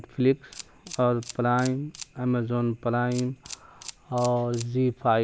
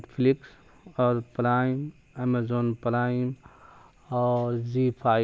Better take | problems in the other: second | background sound (Camera); 19 dB below the speech

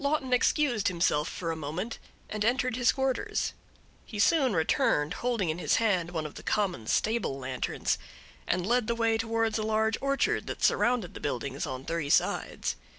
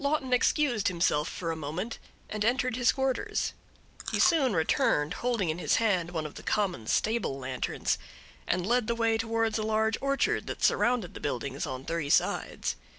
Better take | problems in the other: first | background sound (Chewing, mastication); 13 dB below the speech

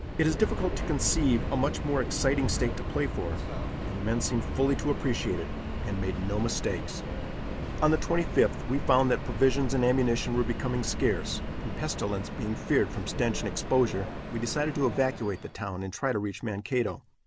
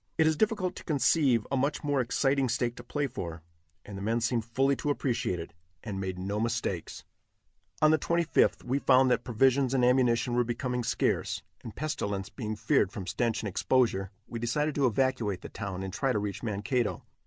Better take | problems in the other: second | background sound (Subway, metro, underground); 4 dB below the speech

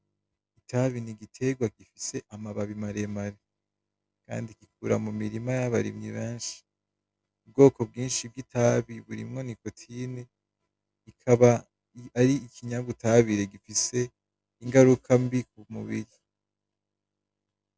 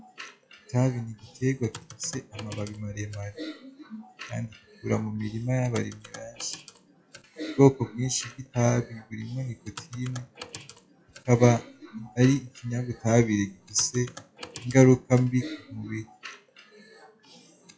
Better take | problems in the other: first | noise reduction (classical method WPE with log-MMSE)

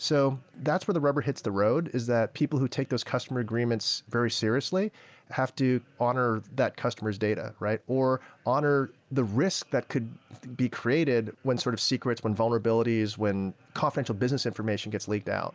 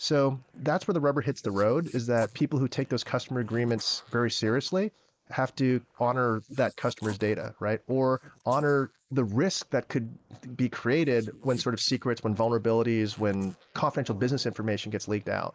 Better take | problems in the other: first | noise reduction (neural mask model Resemble Enhance denoiser)

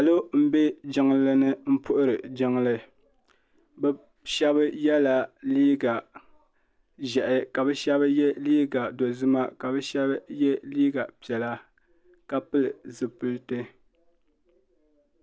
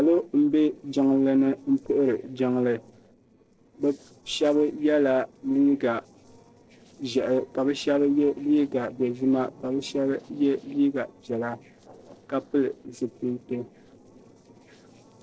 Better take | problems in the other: first | noise reduction (neural separator model SepFormer DNS4)

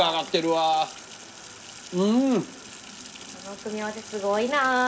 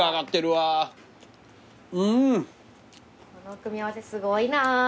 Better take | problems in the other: second | background sound (Sink (filling or washing)); 17 dB below the speech // room echo; dies away in 1.4 s

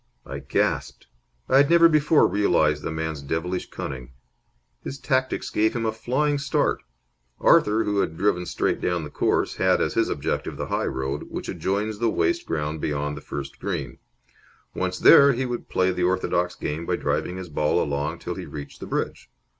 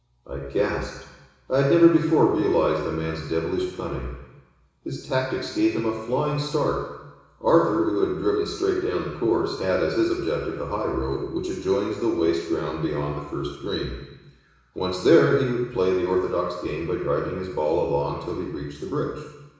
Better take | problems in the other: first | room echo; dies away in 1 s

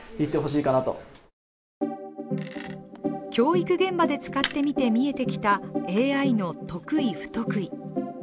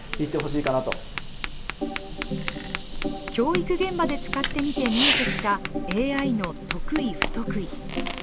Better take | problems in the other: first | background sound (Tap + Fireworks); 3 dB below the speech

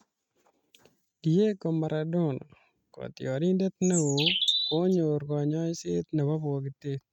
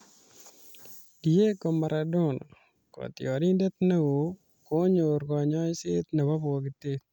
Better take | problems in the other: second | noise reduction (neural mask model RNNoise)

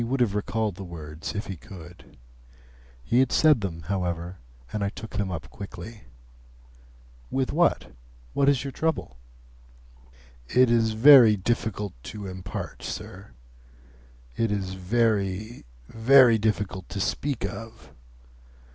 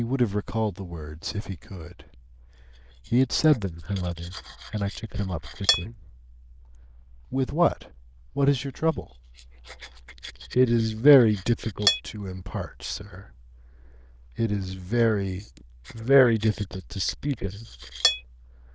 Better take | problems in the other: first | noise reduction (neural diffusion model UNIVERSE++)

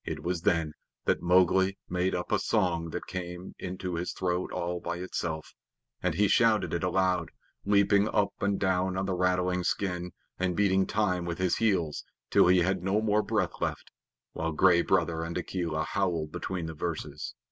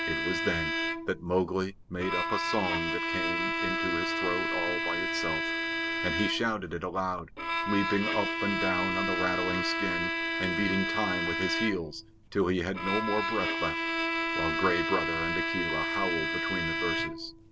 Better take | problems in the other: first | background sound (Bowed string instrument); 1 dB above the speech

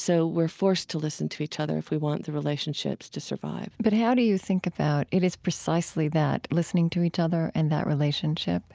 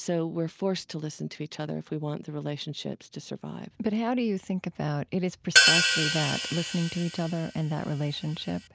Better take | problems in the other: first | background sound (Hi-hat); 4 dB above the speech

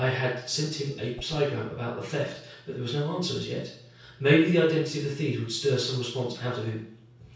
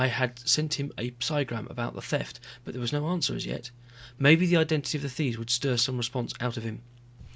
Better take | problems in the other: second | background sound (Whoosh, swoosh, swish); 18 dB below the speech // room echo; dies away in 0.6 s

